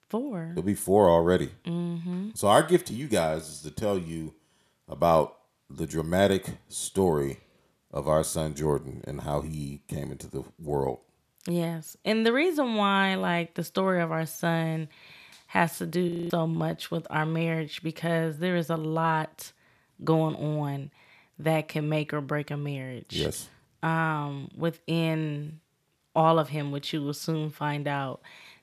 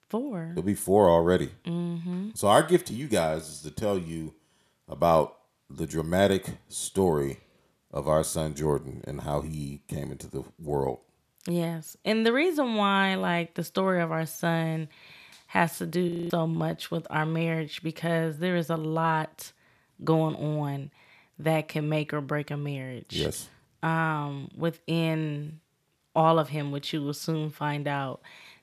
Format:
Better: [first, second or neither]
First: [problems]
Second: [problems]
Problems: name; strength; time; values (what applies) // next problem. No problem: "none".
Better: neither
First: audio freezing; at 16 s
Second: audio freezing; at 16 s